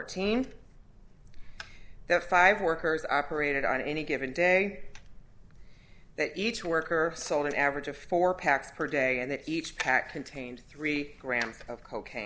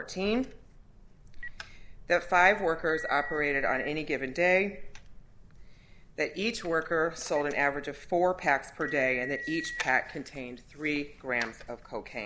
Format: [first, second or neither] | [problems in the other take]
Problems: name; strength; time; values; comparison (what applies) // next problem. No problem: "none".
first | background sound (Telephone); 12 dB below the speech